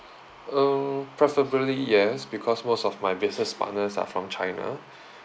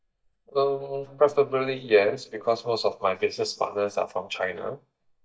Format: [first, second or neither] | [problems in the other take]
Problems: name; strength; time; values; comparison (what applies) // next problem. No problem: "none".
first | noise reduction (neural mask model DeepFilterNet 3)